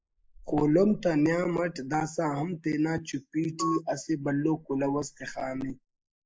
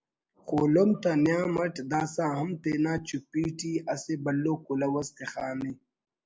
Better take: second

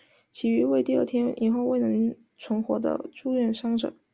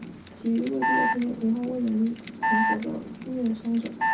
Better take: first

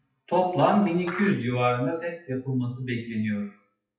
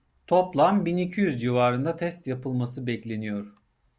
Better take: second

